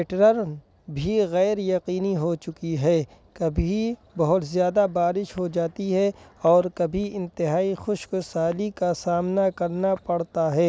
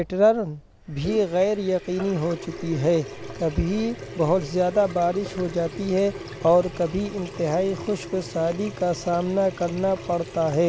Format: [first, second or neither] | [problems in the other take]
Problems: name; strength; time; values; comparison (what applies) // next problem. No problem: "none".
first | background sound (Sink (filling or washing) / Water tap, faucet); 13 dB below the speech